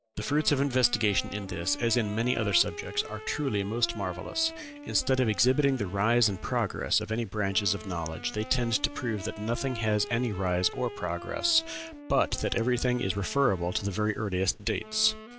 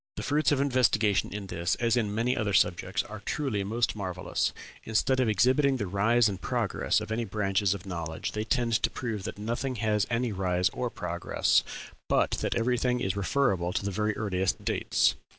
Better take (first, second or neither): second